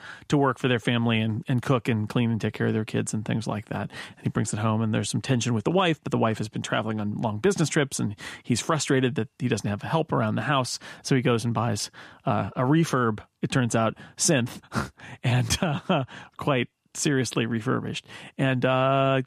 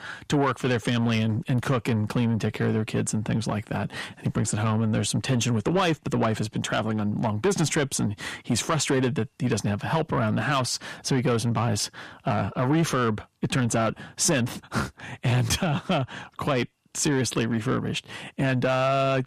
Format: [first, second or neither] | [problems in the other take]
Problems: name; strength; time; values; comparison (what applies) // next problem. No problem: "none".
first | distortion; slight; 10 dB below the speech